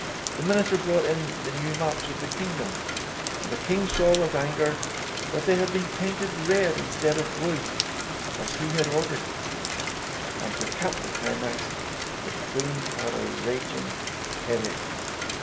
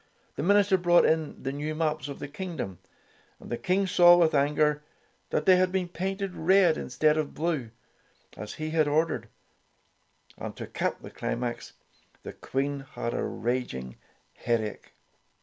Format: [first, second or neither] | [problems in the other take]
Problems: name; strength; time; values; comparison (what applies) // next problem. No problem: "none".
second | background sound (Rain); 2 dB below the speech // room echo; dies away in 2.9 s